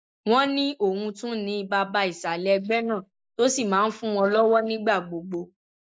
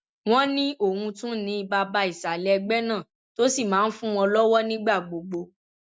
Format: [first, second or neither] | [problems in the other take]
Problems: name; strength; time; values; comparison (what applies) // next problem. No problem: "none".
second | noise reduction (neural mask model Resemble Enhance denoiser)